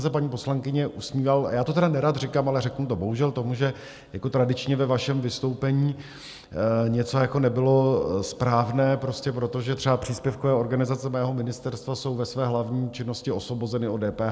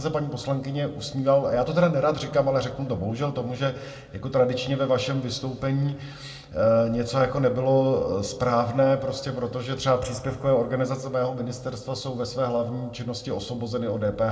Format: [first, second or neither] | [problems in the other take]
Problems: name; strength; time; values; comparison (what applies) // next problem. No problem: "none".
first | room echo; dies away in 1 s